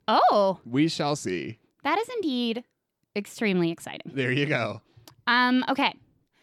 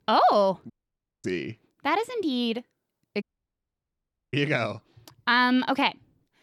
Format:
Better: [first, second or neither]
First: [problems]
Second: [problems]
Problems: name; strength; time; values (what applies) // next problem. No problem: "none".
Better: first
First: none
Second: audio cutting out; at 0.5 s for 0.5 s and at 3 s for 1 s